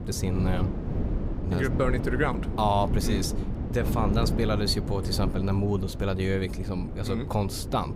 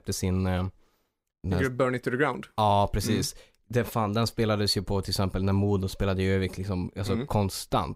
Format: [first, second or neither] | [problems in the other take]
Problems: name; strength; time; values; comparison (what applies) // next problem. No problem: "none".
second | wind noise on the microphone; heavy; 9 dB below the speech